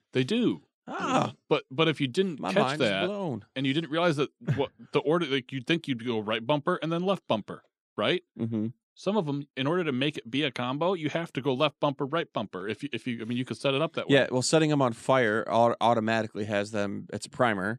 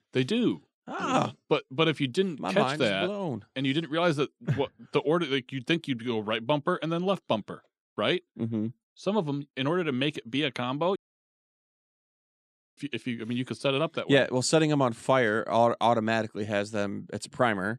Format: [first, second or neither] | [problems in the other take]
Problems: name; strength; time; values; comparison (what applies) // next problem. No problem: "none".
first | audio cutting out; at 11 s for 2 s